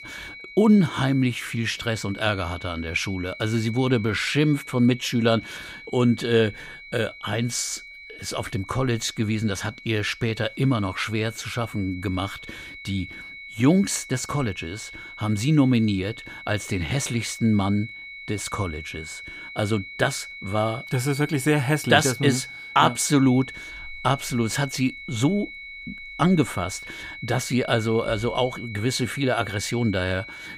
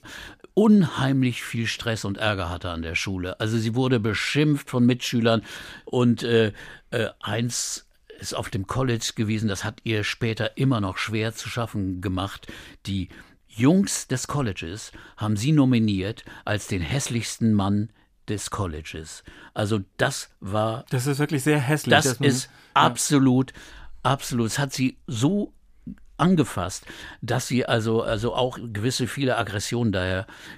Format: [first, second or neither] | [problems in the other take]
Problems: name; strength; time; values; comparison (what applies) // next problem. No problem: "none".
second | high-pitched whine; noticeable; throughout; 2 kHz, 15 dB below the speech